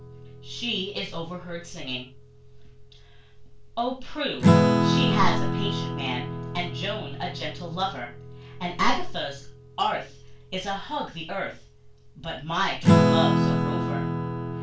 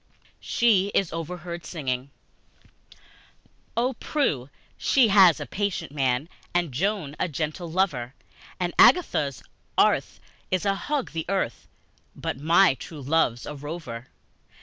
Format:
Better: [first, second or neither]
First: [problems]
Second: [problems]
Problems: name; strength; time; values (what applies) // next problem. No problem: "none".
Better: second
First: background sound (Acoustic guitar / Strum); 3 dB above the speech // room echo; dies away in 0.3 s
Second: none